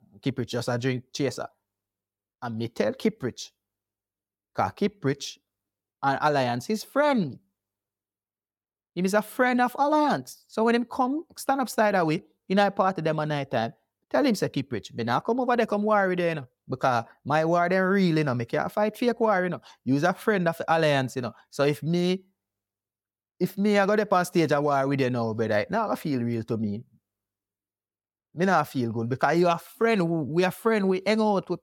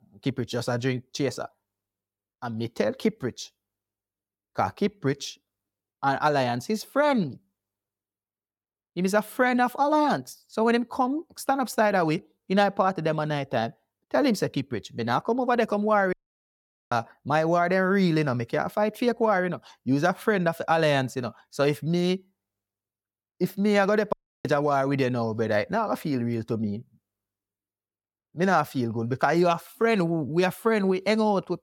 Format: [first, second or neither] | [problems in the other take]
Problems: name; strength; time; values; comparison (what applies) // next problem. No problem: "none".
first | audio cutting out; at 16 s for 1 s and at 24 s